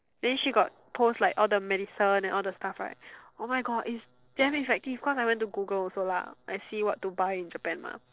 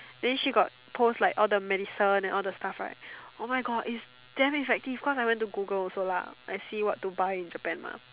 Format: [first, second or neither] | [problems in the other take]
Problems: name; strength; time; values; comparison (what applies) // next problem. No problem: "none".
second | noise reduction (neural separator model SepFormer DNS4)